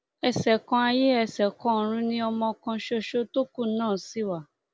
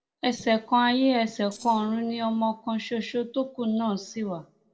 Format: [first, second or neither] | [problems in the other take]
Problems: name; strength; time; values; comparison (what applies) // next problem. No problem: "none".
first | noise reduction (neural separator model SepFormer DNS4)